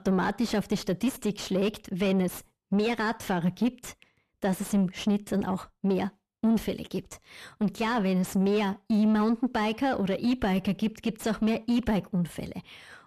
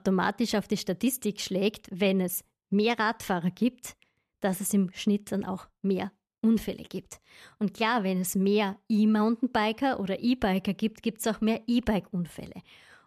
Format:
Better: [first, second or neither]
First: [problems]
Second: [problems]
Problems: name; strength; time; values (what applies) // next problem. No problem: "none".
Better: second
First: distortion; slight; 10 dB below the speech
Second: none